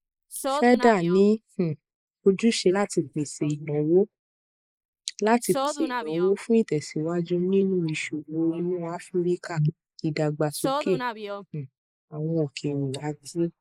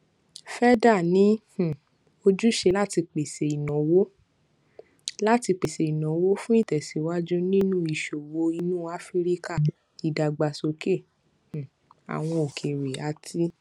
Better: second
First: noise reduction (neural mask model Resemble Enhance denoiser)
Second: none

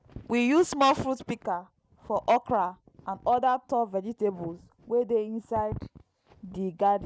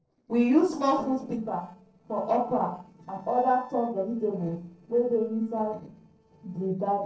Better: first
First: none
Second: noise reduction (neural separator model SepFormer DNS4)

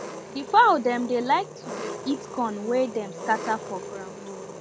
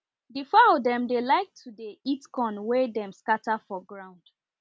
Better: second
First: background sound (Engine); 11 dB below the speech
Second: none

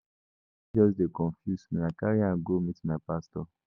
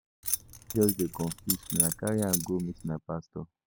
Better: first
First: none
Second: background sound (Keys jangling); 2 dB below the speech

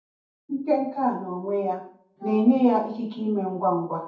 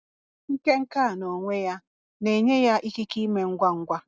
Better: second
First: background sound (Wind instrument, woodwind instrument); 15 dB below the speech // room echo; dies away in 0.6 s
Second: none

